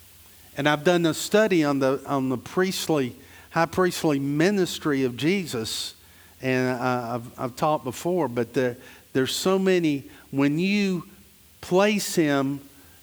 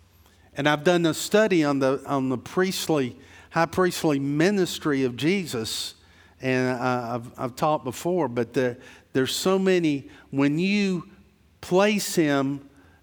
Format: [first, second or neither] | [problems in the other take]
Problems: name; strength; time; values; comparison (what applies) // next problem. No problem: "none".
second | hiss; faint; throughout; 25 dB below the speech